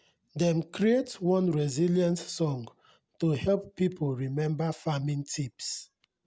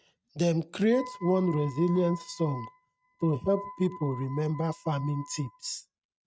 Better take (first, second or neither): first